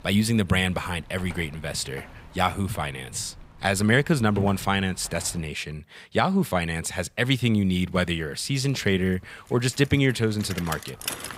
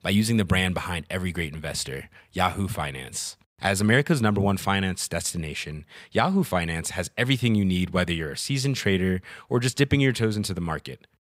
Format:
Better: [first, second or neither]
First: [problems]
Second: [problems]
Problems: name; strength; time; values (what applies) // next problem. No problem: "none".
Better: second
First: traffic noise; noticeable; throughout; 15 dB below the speech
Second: none